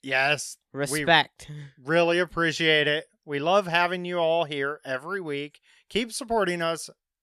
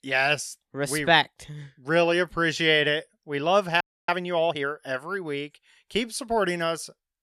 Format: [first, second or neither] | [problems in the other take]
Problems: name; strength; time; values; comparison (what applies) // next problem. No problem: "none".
first | audio freezing; at 4 s